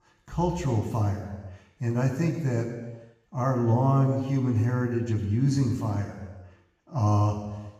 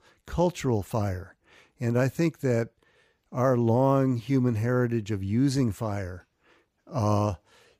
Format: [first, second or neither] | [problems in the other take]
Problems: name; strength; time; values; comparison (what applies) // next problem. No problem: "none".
second | room echo; noticeable; dies away in 1.1 s // off-mic speech; far